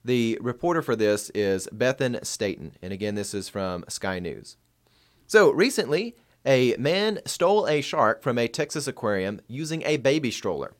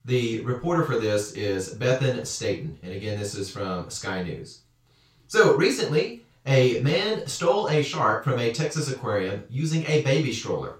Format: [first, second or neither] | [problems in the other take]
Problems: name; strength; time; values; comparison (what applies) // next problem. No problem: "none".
first | room echo; noticeable; dies away in 0.3 s // off-mic speech; far